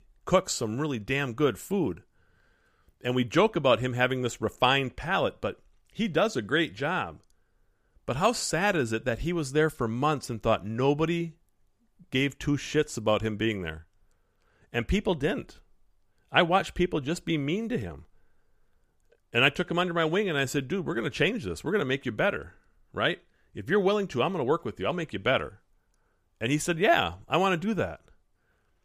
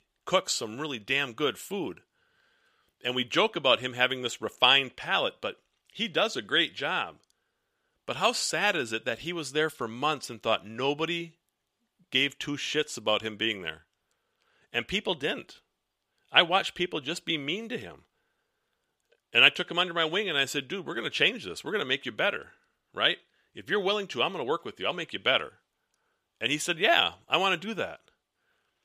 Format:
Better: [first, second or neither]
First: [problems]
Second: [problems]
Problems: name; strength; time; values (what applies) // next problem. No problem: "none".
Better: first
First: none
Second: thin; very slightly; fading below 850 Hz